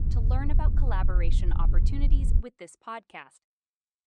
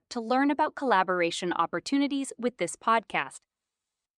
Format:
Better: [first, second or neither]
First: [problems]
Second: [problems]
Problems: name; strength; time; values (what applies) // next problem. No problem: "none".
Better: second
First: wind noise on the microphone; faint; until 2.5 s; 6 dB below the speech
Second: none